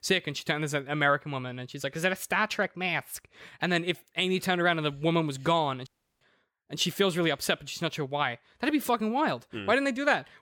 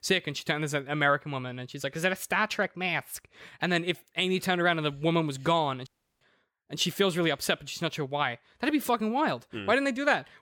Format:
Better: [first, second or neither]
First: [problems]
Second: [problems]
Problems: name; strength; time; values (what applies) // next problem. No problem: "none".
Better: neither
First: audio cutting out; at 6 s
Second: audio cutting out; at 6 s